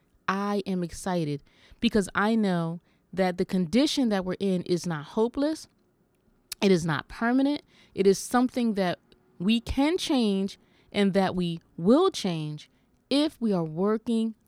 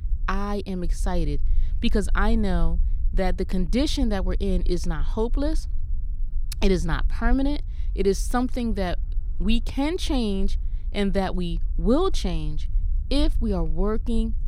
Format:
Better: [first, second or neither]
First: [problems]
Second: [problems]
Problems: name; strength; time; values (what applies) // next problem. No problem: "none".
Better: first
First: none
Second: low rumble; faint; throughout; 25 dB below the speech